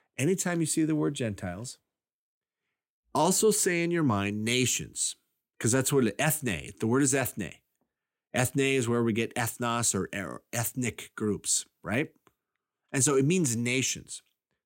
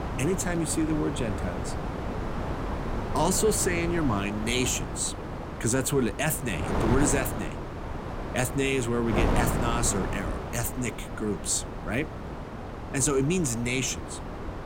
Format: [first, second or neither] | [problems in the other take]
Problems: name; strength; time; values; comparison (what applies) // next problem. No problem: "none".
first | wind noise on the microphone; heavy; 6 dB below the speech